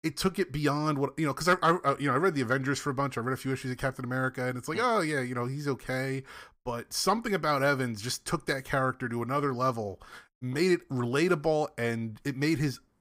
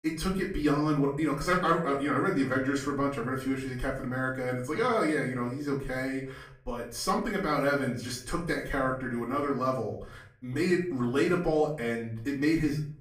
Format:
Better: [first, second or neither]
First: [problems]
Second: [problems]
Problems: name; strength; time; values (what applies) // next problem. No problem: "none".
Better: first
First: none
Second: room echo; slight; dies away in 0.5 s // off-mic speech; far